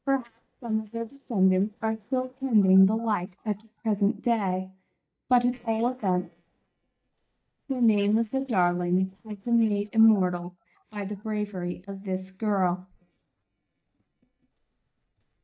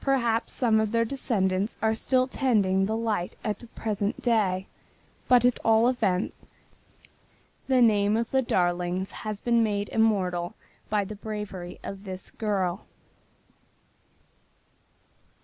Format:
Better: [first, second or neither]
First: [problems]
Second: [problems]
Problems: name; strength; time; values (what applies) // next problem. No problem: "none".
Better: second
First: noise reduction (neural mask model DeepFilterNet 3)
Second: none